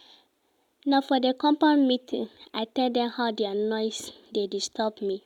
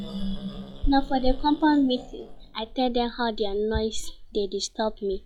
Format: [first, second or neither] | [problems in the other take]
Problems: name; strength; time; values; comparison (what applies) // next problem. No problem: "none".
first | noise reduction (classical method log-MMSE)